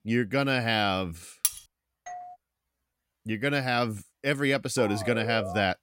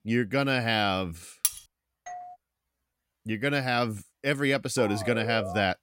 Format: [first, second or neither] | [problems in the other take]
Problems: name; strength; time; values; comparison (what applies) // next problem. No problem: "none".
neither | clattering dishes; very faint; at 1.5 s; peak 1 dB below the speech; the same in both // doorbell; faint; at 2 s; peak 15 dB below the speech; the same in both // siren; noticeable; at 5 s; peak 8 dB below the speech; the same in both